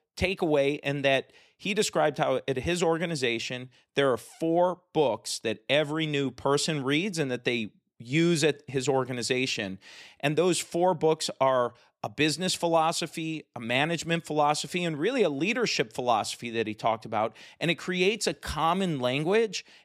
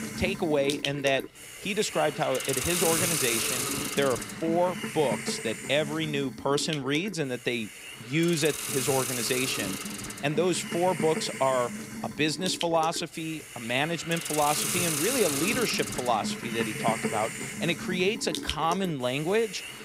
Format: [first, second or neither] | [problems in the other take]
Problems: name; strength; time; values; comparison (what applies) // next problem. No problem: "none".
first | hiss; loud; throughout; 3 dB below the speech